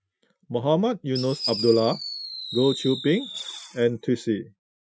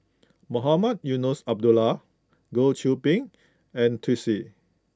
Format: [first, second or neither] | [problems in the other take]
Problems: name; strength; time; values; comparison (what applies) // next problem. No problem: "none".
second | noise reduction (classical method Wiener filter)